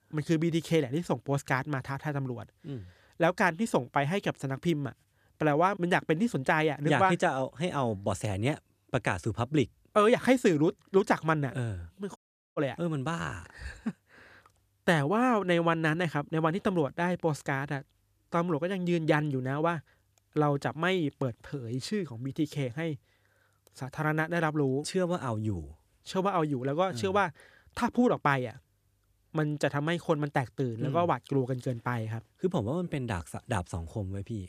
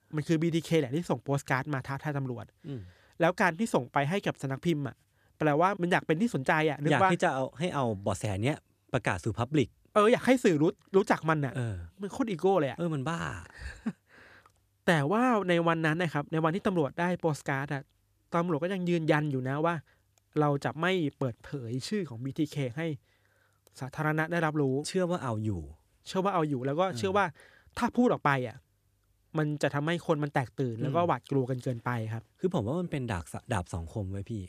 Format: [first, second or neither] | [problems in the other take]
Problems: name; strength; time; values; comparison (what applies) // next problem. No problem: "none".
second | audio cutting out; at 12 s